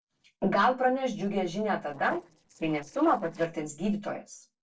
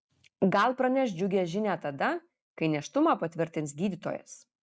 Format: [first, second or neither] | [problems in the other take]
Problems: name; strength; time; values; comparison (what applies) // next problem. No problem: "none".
second | noise reduction (neural separator model SepFormer DNS4)